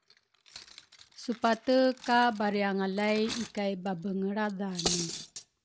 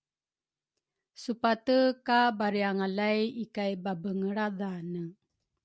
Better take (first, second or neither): second